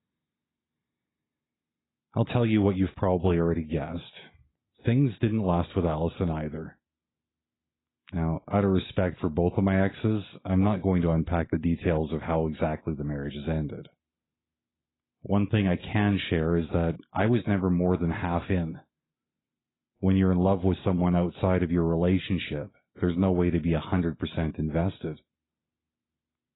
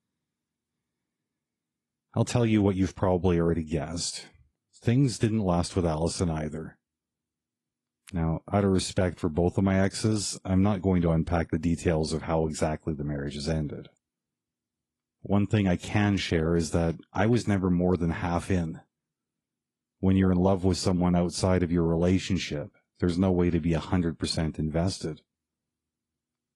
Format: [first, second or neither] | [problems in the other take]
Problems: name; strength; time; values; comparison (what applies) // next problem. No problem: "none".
second | garbled, watery; badly; nothing above 4 kHz; slightly in the second